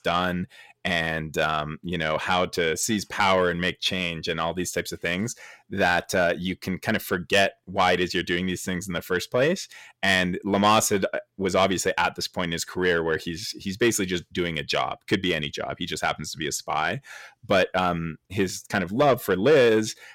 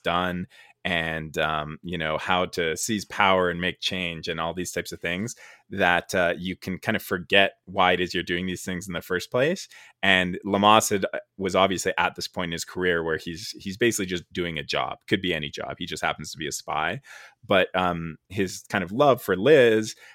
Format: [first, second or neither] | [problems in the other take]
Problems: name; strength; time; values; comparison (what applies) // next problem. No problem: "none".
second | distortion; slight; 10 dB below the speech